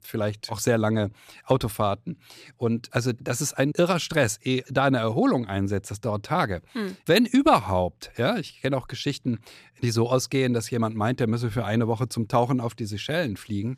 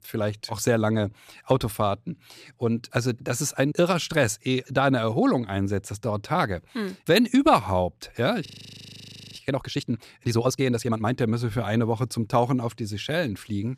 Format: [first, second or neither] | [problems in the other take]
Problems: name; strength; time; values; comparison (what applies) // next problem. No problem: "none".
first | audio freezing; at 8.5 s for 1 s